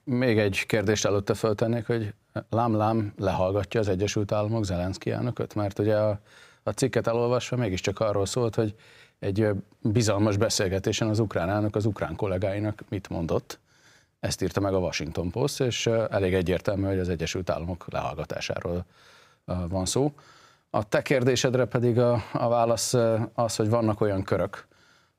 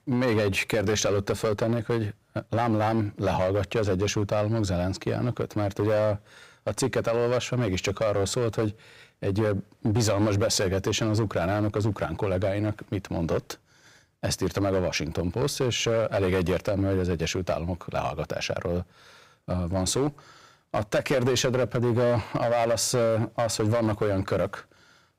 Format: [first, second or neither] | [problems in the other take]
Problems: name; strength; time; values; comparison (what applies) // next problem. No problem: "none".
first | distortion; slight; 7% of the sound clipped